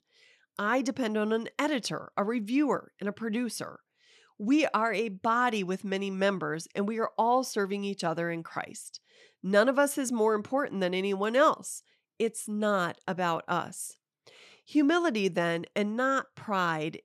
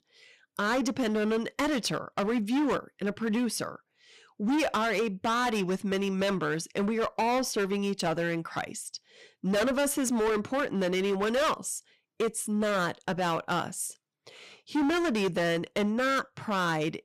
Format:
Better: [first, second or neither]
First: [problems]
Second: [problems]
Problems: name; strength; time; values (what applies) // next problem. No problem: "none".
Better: first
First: none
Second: distortion; heavy; 16% of the sound clipped